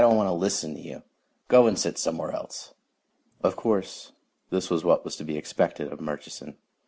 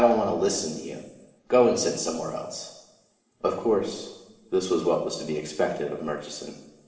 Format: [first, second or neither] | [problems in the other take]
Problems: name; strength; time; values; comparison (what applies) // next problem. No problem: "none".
first | room echo; dies away in 1.1 s